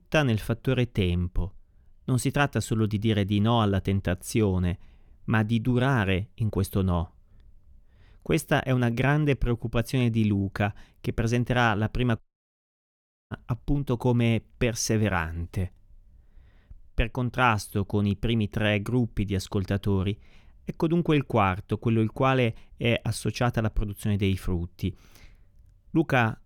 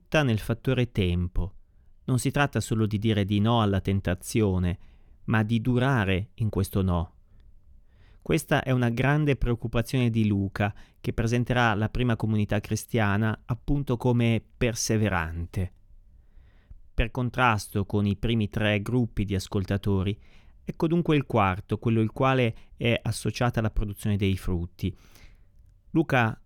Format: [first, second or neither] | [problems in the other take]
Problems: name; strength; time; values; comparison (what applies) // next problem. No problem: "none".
second | audio cutting out; at 12 s for 1 s